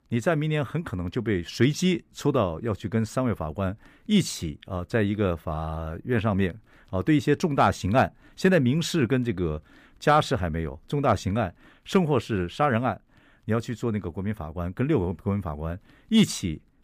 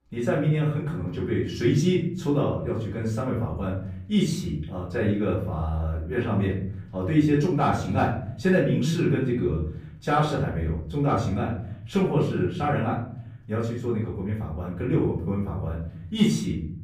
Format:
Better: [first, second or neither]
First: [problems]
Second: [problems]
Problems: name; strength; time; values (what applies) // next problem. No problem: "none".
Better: first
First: none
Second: off-mic speech; far // room echo; noticeable; dies away in 1 s